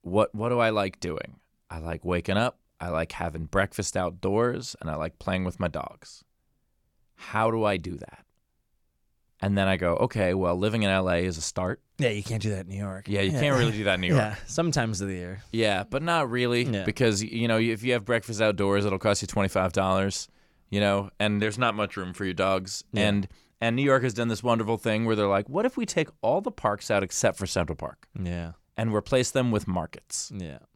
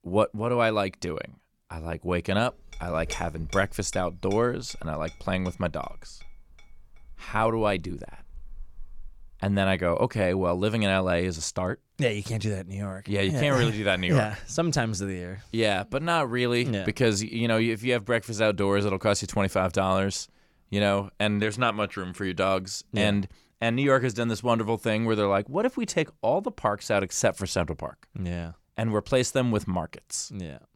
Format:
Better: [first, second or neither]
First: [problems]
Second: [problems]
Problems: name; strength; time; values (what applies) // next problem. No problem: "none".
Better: first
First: none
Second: clattering dishes; faint; from 2.5 to 9.5 s; peak 10 dB below the speech